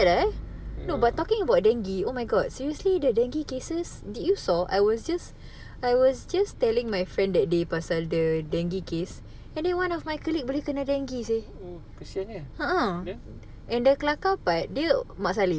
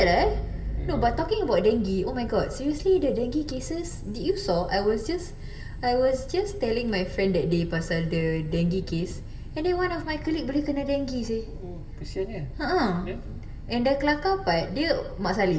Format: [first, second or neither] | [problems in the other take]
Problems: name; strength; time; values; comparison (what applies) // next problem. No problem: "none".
first | room echo; dies away in 1.4 s